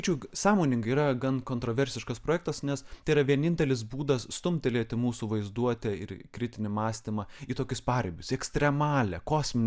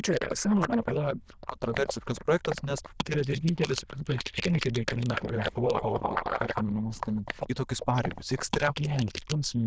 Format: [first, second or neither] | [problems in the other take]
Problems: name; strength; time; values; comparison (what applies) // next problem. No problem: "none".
first | noise reduction (neural diffusion model UNIVERSE++)